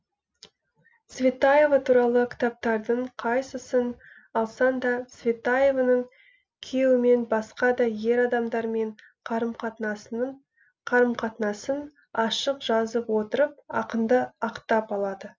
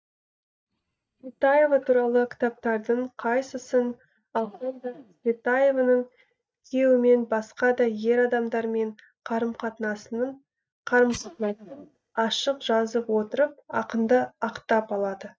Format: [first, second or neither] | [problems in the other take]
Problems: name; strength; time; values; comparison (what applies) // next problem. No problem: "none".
first | noise reduction (neural mask model DeepFilterNet 3)